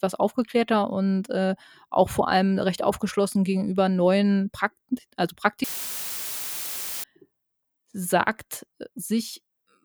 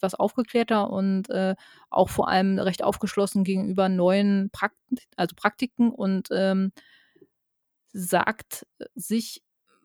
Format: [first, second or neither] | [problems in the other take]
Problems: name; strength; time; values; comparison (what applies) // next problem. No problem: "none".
second | audio cutting out; filled with static; at 5.5 s for 1.5 s